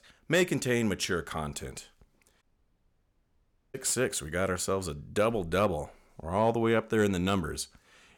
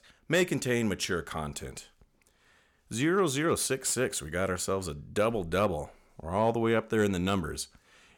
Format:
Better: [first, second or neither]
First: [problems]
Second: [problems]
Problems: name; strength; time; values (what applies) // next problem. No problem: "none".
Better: second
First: audio cutting out; at 2.5 s for 1.5 s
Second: none